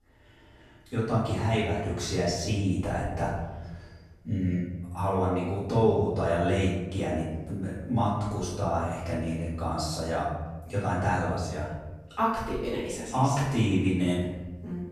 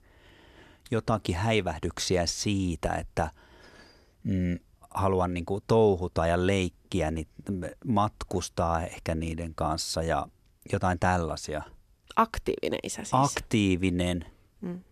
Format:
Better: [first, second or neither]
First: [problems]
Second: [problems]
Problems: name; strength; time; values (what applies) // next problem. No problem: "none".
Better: second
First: room echo; noticeable; dies away in 1.2 s // off-mic speech; far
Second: none